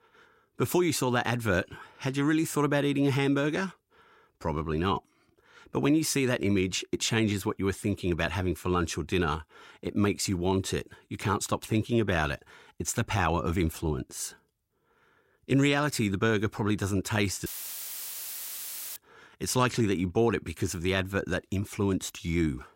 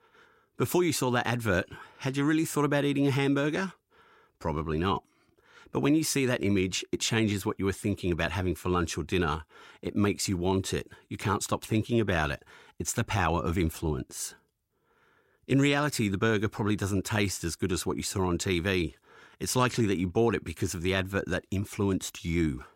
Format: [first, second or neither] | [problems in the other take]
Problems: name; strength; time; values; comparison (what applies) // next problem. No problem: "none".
second | audio cutting out; filled with static; at 17 s for 1.5 s